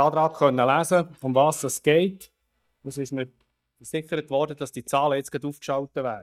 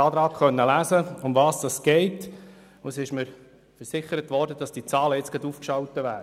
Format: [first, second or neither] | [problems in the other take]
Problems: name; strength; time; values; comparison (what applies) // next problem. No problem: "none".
second | noise reduction (neural mask model DeepFilterNet 3)